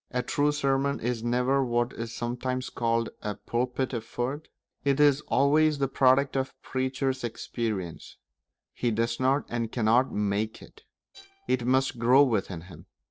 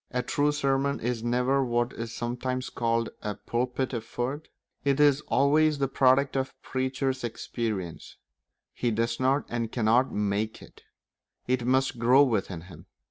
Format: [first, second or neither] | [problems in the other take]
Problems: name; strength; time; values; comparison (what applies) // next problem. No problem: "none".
second | noise reduction (neural separator model SepFormer DNS4)